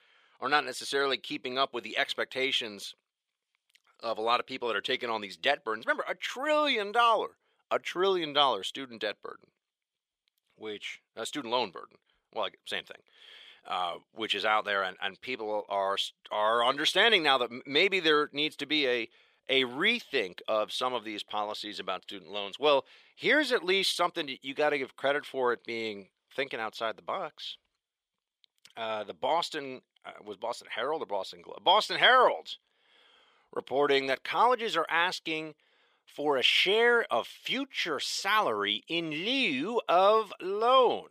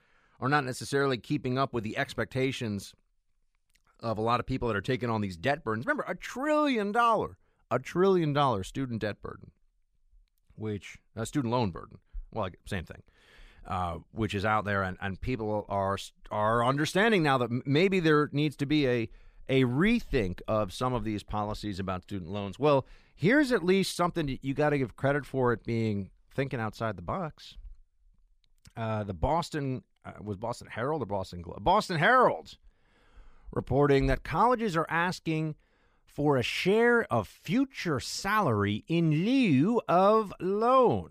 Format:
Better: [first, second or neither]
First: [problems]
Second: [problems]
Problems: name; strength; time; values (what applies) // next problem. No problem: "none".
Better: second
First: thin; somewhat; fading below 500 Hz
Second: none